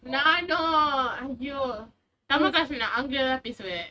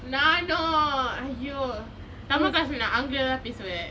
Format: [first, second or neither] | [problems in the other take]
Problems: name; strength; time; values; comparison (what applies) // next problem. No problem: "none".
second | noise reduction (neural mask model RNNoise)